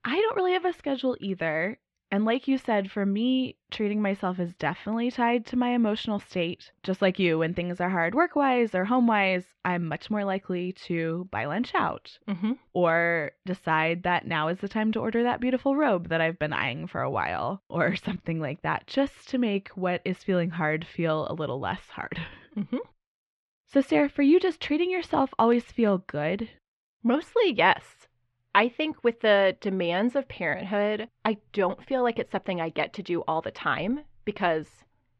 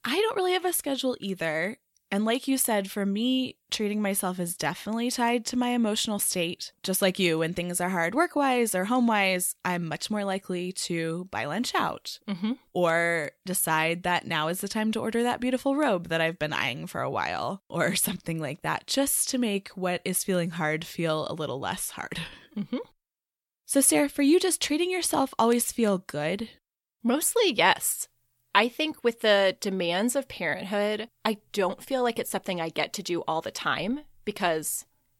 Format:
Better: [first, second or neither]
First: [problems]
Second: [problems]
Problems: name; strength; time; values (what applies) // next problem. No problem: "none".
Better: second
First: muffled; very; fading above 2.5 kHz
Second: none